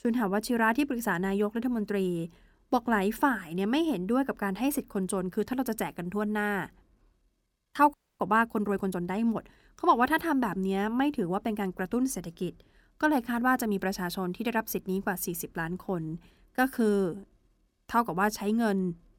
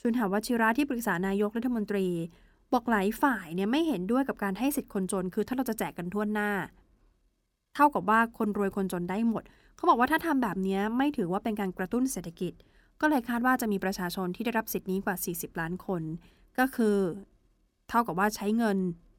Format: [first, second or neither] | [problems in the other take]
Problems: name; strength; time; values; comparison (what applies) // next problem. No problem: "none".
second | audio freezing; at 8 s